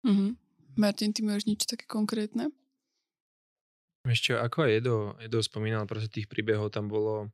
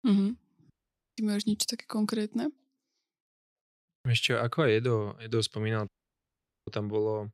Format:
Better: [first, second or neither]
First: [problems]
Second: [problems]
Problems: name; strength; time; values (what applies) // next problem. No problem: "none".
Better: first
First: none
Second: audio cutting out; at 0.5 s and at 6 s for 1 s